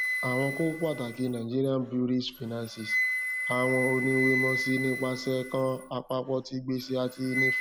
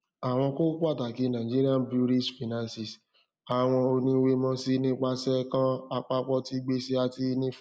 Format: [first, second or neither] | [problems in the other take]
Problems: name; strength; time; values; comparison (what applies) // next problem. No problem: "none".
second | background sound (Wind instrument, woodwind instrument); 3 dB below the speech